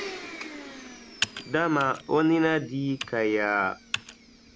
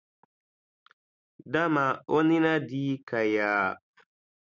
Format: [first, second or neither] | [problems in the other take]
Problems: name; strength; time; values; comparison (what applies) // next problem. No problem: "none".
second | background sound (Domestic sounds, home sounds + Computer keyboard); 11 dB below the speech